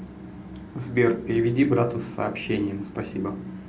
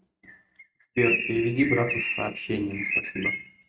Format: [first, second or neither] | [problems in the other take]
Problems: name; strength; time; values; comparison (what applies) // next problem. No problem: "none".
first | noise reduction (neural mask model RNNoise)